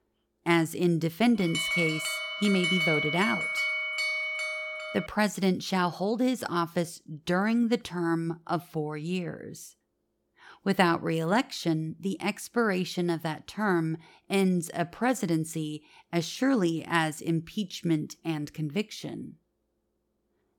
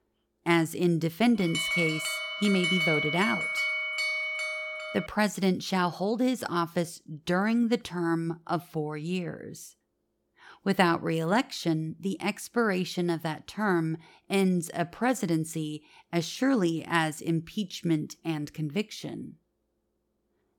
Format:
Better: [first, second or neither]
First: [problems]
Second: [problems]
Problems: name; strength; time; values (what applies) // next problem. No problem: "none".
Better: neither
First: alarm; loud; from 1.5 to 5 s; peak 4 dB above the speech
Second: alarm; loud; from 1.5 to 5 s; peak 4 dB above the speech